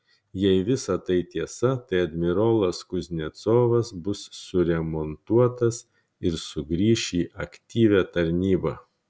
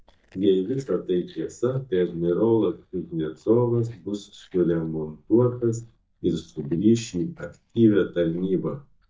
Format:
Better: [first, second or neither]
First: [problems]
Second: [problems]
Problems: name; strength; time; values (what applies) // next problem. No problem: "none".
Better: first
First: none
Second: noise reduction (neural mask model DeepFilterNet 3)